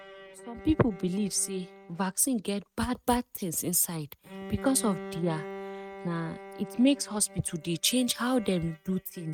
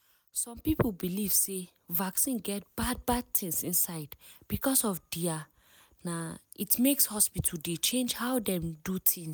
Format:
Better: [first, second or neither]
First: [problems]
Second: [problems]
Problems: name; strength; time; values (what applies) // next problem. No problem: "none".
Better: second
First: noise reduction (neural mask model RNNoise)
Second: none